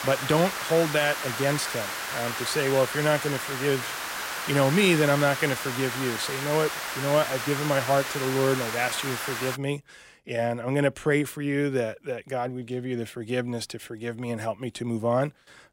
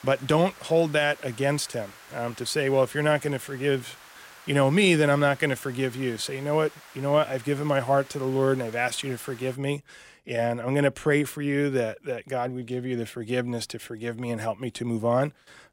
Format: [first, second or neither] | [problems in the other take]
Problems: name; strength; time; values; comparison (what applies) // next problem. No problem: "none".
second | hiss; loud; until 9.5 s; 4 dB below the speech; faint in the second